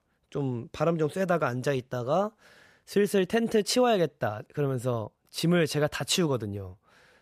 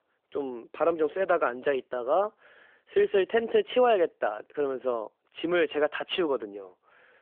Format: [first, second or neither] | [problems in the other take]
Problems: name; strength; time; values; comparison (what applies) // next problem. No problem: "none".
first | phone-call audio